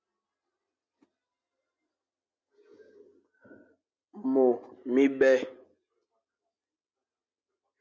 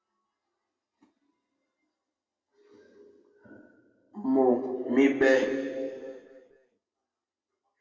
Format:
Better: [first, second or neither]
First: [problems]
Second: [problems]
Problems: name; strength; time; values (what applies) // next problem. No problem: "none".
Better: first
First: none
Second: room echo; dies away in 2.2 s